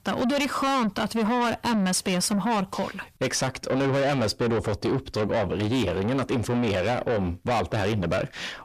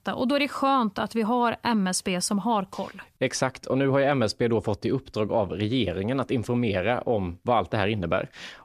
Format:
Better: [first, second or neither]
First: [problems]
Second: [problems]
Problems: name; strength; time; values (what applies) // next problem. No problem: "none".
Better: second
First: distortion; heavy; 7 dB below the speech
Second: none